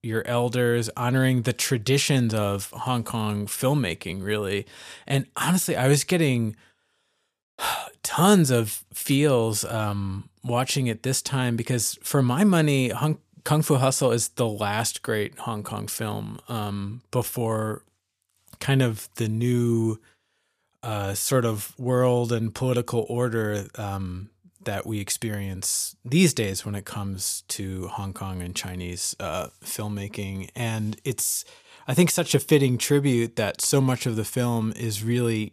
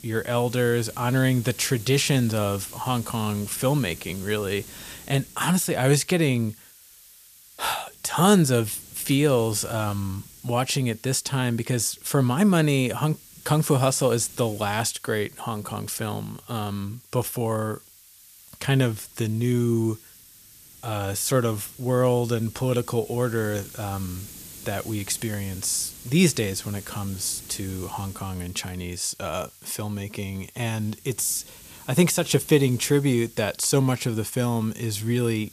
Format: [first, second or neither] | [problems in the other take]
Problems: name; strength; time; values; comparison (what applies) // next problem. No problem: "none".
first | hiss; noticeable; throughout; 20 dB below the speech